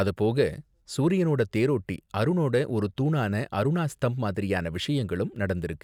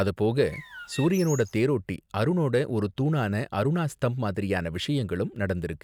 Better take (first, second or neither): first